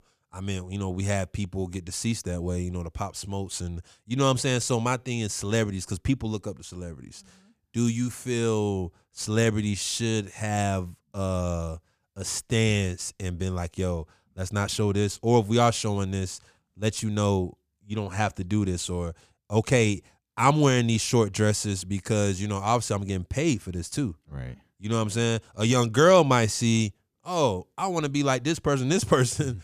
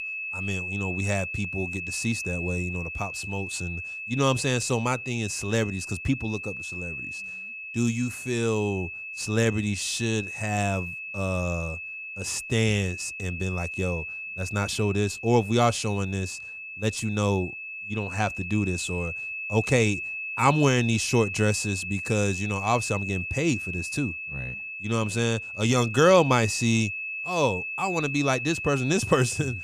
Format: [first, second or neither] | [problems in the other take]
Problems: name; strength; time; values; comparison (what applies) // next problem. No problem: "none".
first | high-pitched whine; loud; throughout; 2.5 kHz, 6 dB below the speech